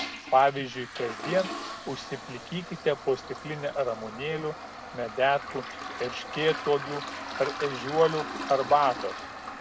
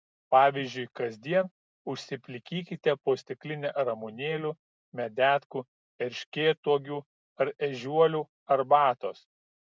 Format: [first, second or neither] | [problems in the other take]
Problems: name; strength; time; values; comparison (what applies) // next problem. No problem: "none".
second | background sound (Toilet flush); 9 dB below the speech